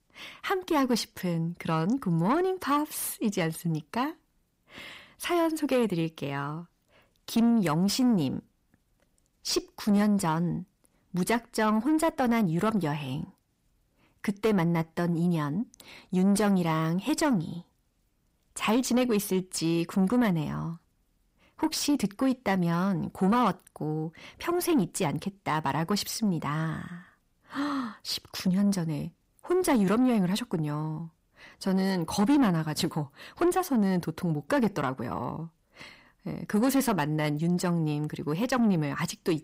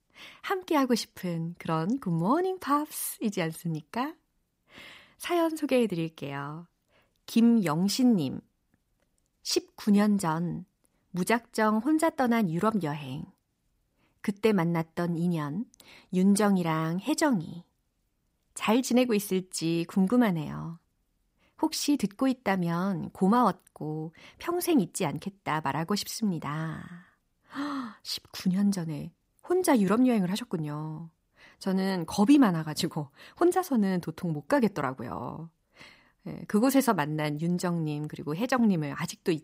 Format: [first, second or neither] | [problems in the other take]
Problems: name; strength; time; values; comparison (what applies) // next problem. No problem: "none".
second | distortion; slight; 10 dB below the speech